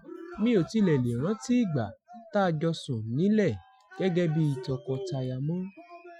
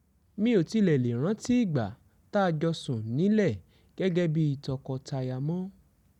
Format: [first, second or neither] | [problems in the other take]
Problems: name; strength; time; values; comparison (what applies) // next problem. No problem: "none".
second | noise reduction (classical method Wiener filter)